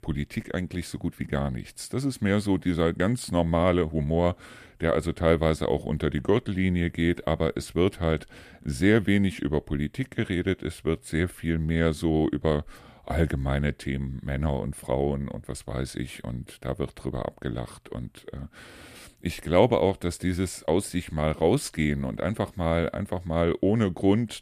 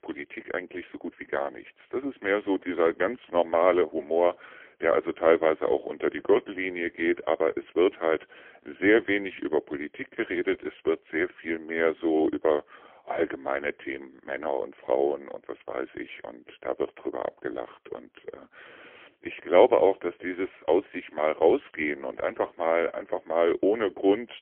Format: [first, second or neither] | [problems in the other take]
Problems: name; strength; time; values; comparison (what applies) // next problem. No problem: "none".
first | phone-call audio; poor line; nothing above 3.5 kHz